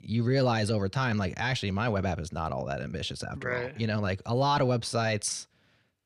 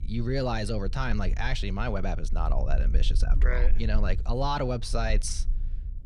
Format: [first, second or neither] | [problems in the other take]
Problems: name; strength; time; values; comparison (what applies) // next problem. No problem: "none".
first | low rumble; faint; throughout; 20 dB below the speech